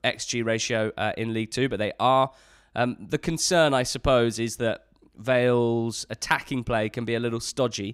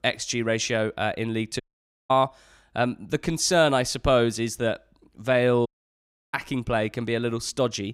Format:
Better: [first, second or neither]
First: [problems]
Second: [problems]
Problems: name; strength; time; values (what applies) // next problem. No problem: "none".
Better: first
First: none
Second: audio cutting out; at 1.5 s and at 5.5 s for 0.5 s